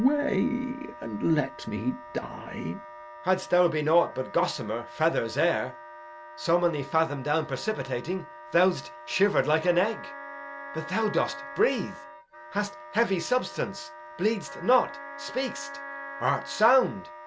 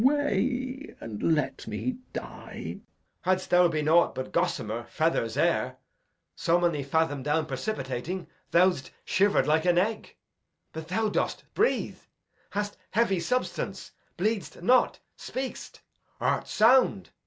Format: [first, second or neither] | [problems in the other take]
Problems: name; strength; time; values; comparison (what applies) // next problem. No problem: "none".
second | background sound (Wind instrument, woodwind instrument + Wind instrument, woodwind instrument); 15 dB below the speech